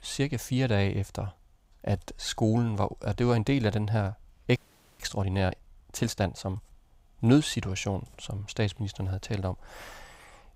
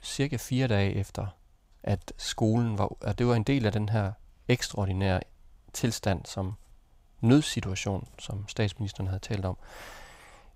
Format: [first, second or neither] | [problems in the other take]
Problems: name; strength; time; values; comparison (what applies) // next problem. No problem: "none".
second | audio freezing; at 4.5 s